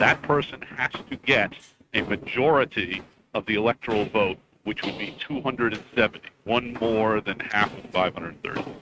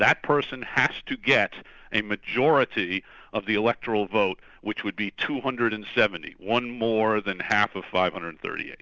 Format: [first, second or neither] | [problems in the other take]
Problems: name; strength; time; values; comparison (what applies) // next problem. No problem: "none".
second | noise reduction (neural mask model RNNoise)